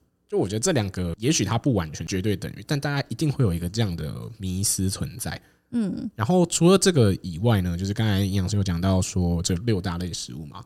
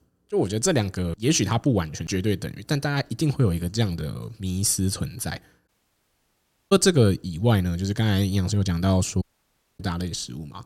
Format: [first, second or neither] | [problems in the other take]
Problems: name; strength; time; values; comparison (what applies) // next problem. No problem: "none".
first | audio cutting out; at 5.5 s for 1 s and at 9 s for 0.5 s